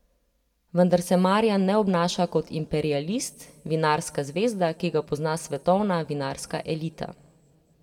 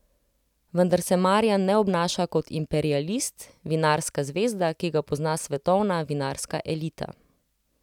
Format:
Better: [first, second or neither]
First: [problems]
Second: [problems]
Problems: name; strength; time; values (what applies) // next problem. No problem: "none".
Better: second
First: room echo; dies away in 1.3 s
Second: none